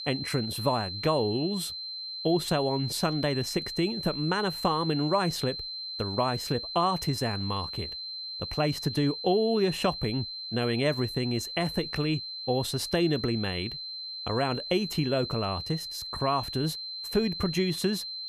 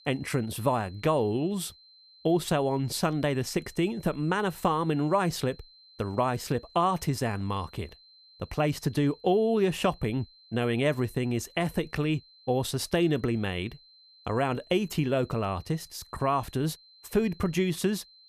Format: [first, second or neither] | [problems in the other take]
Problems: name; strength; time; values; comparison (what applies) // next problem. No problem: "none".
second | high-pitched whine; loud; throughout; 4 kHz, 6 dB below the speech; faint in the second